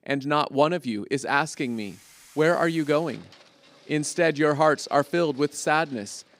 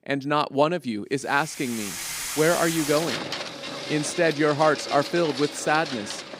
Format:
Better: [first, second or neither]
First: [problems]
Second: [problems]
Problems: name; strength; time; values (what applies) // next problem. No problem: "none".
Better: first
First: household noises; faint; from 1.5 s on; 25 dB below the speech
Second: household noises; loud; from 1.5 s on; 7 dB below the speech